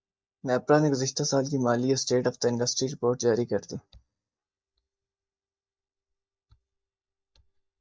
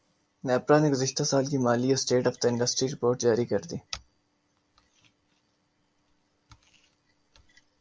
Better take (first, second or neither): second